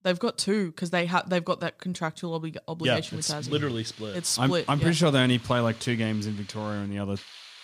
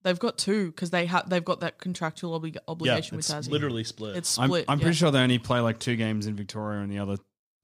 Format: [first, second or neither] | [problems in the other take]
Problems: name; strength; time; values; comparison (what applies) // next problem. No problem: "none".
second | hiss; faint; from 3 s on; 20 dB below the speech